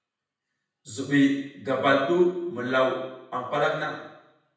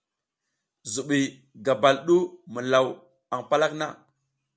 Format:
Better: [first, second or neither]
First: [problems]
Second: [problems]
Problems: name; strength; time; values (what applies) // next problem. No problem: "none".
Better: second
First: room echo; dies away in 0.9 s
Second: none